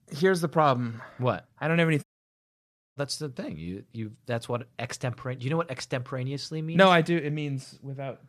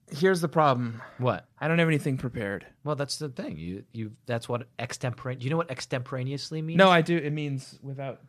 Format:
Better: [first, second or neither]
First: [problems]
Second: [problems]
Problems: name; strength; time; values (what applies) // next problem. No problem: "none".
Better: second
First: audio cutting out; at 2 s for 1 s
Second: none